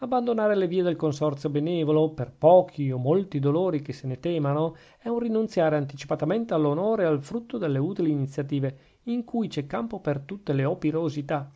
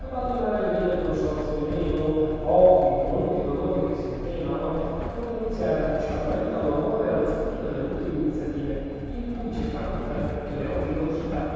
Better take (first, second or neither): first